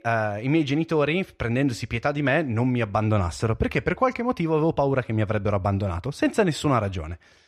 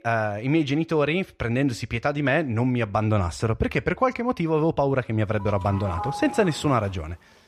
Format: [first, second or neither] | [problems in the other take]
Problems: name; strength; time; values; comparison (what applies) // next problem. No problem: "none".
first | doorbell; noticeable; from 5.5 to 7 s; peak 7 dB below the speech